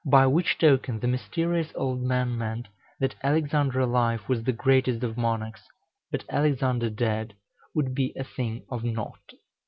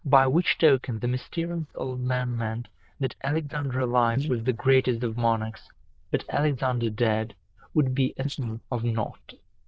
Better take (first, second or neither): first